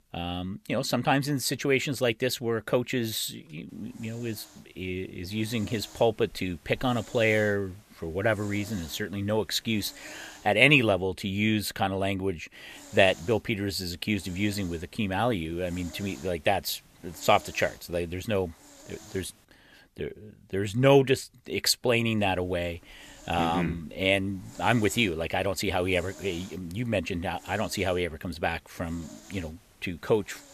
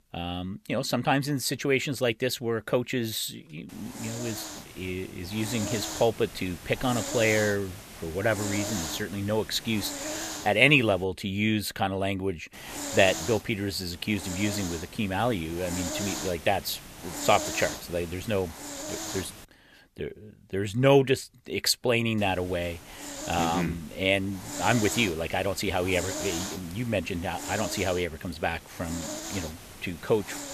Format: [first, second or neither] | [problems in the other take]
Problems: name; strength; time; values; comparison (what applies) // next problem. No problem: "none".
first | hiss; loud; from 3.5 to 11 s, from 13 to 19 s and from 22 s on; 8 dB below the speech; faint in the first